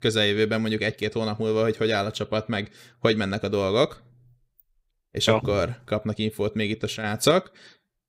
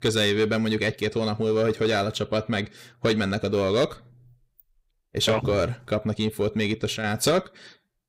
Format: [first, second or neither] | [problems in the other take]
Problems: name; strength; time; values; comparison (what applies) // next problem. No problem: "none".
first | distortion; slight; 10 dB below the speech